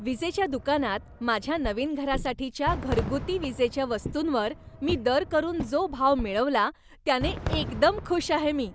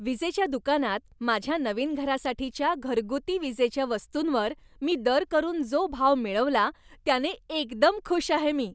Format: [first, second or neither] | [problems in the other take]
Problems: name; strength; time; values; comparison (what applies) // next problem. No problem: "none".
second | background sound (Fireworks + Walk, footsteps); 10 dB below the speech